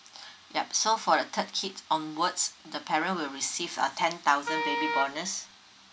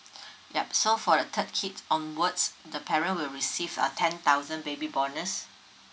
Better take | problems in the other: second | background sound (Wind instrument, woodwind instrument); 2 dB below the speech

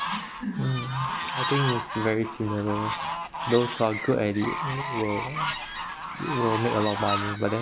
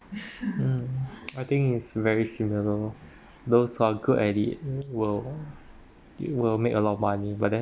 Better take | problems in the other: second | background sound (Fowl); 4 dB below the speech

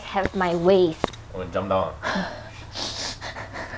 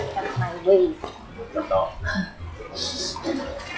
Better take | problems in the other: first | noise reduction (classical method log-MMSE)

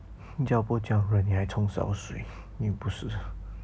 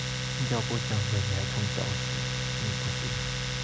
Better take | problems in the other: first | background sound (Domestic sounds, home sounds); 3 dB above the speech

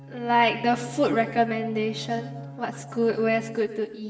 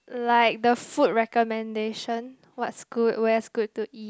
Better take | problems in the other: second | background sound (Bowed string instrument); 15 dB below the speech // room echo; dies away in 1.1 s

